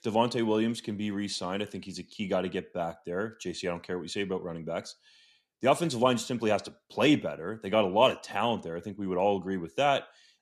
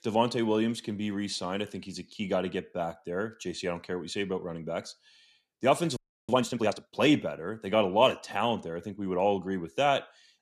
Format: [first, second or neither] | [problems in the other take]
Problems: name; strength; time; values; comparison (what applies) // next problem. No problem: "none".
first | audio freezing; at 6 s